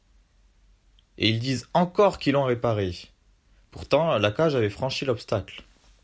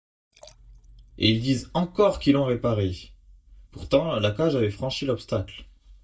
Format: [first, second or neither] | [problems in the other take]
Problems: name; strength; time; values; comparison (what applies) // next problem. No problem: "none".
first | noise reduction (neural mask model DeepFilterNet 3)